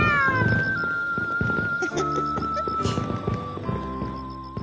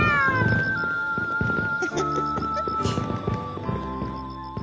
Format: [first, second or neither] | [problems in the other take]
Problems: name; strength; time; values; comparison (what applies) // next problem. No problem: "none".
first | background sound (Glass); 18 dB below the speech